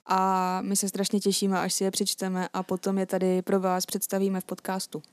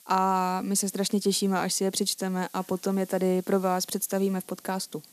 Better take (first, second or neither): first